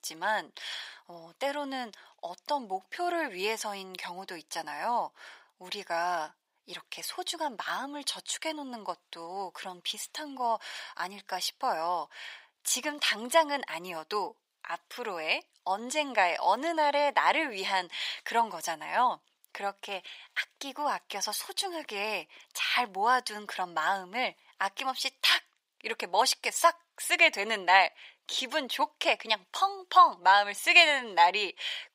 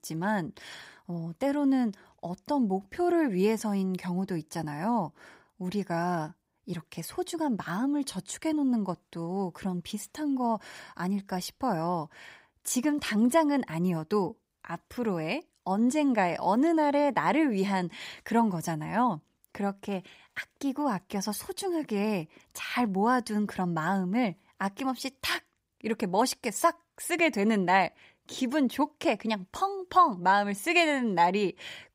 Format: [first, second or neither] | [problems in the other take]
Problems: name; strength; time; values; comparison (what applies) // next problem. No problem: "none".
second | thin; very; fading below 750 Hz